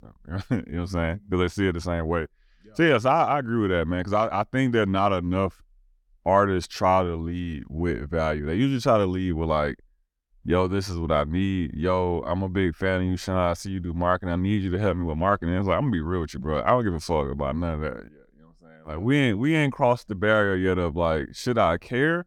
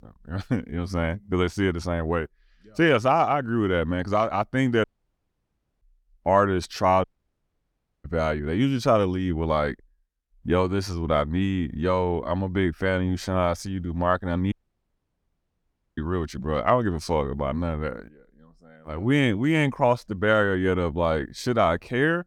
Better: first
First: none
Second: audio cutting out; at 5 s for 1 s, at 7 s for 1 s and at 15 s for 1.5 s

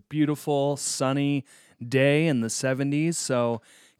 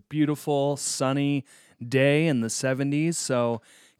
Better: neither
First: none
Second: none

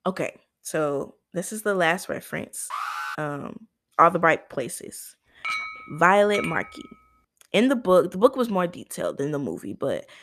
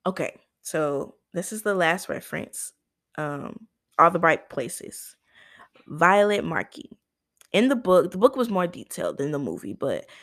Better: second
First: alarm; noticeable; at 2.5 s; peak 6 dB below the speech // clattering dishes; noticeable; from 5.5 to 6.5 s; peak 4 dB below the speech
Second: none

